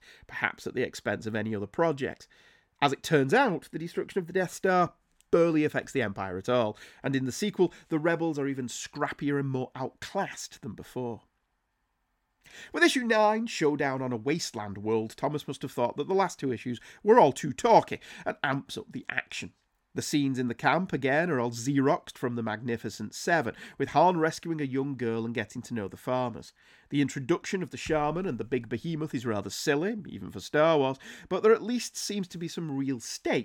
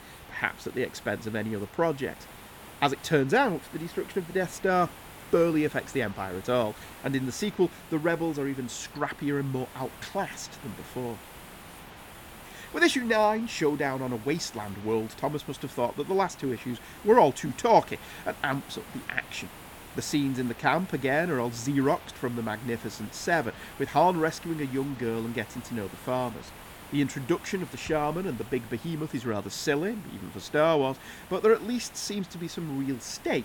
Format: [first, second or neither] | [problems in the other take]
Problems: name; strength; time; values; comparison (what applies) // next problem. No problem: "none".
first | hiss; noticeable; throughout; 15 dB below the speech